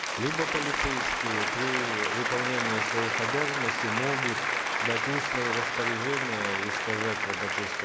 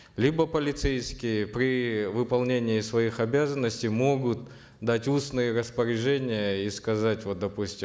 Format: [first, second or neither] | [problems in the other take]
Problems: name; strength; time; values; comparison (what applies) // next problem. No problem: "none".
second | background sound (Applause); 4 dB above the speech